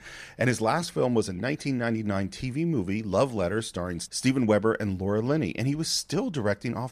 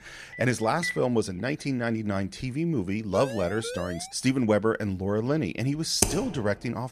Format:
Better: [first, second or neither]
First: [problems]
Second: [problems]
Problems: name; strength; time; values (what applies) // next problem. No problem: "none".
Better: first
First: none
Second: phone ringing; noticeable; at 0.5 s; peak 5 dB below the speech // siren; noticeable; at 3 s; peak 9 dB below the speech // keyboard typing; loud; at 6 s; peak 1 dB above the speech